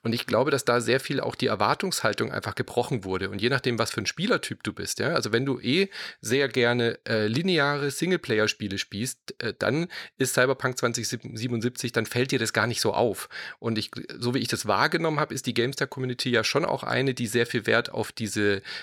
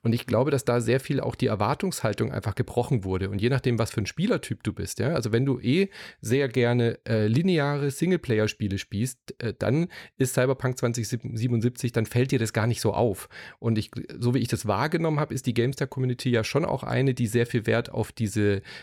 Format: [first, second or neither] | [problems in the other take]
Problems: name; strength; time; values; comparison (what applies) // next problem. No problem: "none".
second | thin; very slightly; fading below 300 Hz